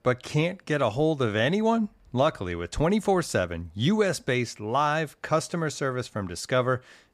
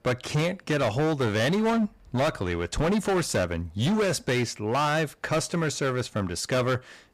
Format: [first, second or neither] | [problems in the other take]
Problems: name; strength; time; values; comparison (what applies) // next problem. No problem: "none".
first | distortion; heavy; 18% of the sound clipped